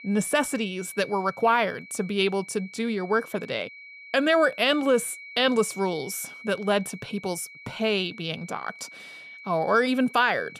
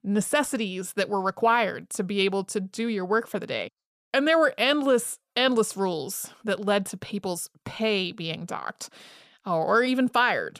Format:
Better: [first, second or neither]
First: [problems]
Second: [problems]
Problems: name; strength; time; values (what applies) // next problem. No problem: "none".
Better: second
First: high-pitched whine; noticeable; throughout; 2.5 kHz, 15 dB below the speech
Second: none